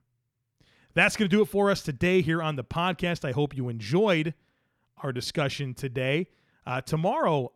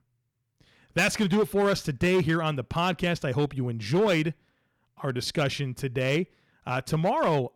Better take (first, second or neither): first